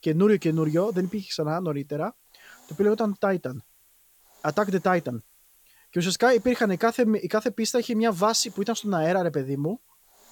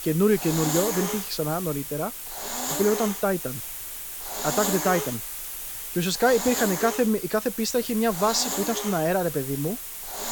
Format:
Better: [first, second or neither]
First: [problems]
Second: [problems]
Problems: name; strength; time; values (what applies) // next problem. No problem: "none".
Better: first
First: hiss; faint; throughout; 30 dB below the speech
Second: hiss; loud; throughout; 4 dB below the speech